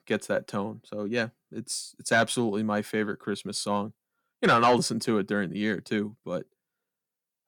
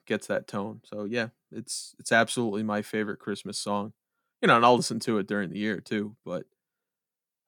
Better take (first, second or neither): second